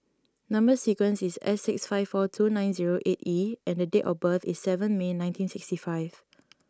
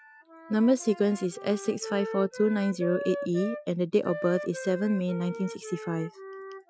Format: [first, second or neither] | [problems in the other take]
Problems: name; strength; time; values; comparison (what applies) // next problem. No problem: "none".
first | noise reduction (classical method Wiener filter)